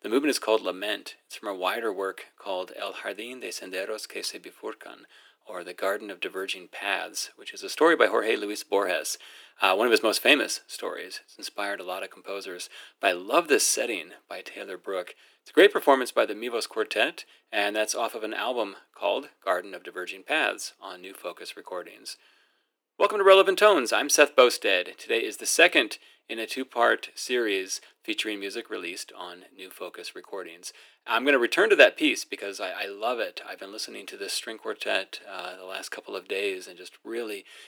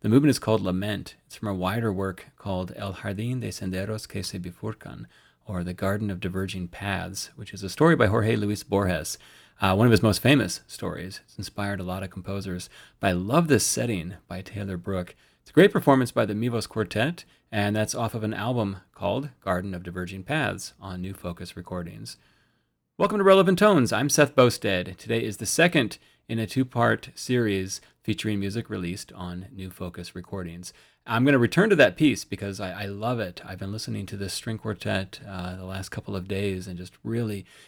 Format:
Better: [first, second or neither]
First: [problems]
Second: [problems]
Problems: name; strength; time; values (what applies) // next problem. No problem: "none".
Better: second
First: thin; very; fading below 350 Hz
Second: none